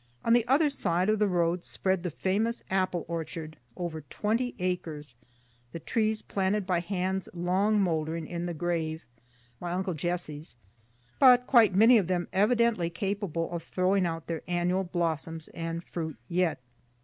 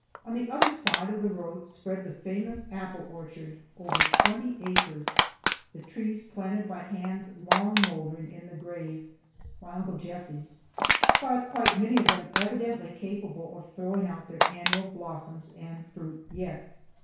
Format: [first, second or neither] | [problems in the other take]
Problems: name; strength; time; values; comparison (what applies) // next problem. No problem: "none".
first | background sound (Crushing); 2 dB above the speech // room echo; dies away in 0.6 s